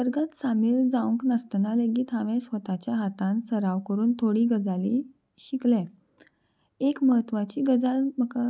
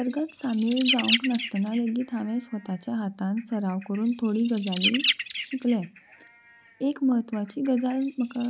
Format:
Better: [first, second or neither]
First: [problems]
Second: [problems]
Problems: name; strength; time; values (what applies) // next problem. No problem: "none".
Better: first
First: none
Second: background sound (Bird); 6 dB below the speech